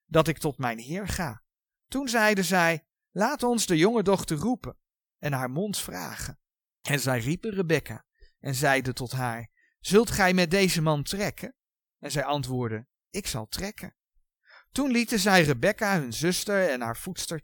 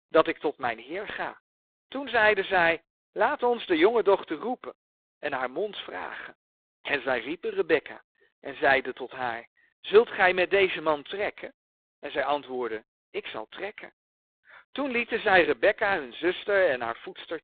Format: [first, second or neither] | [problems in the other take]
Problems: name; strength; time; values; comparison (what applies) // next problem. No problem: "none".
first | phone-call audio; poor line; nothing above 4 kHz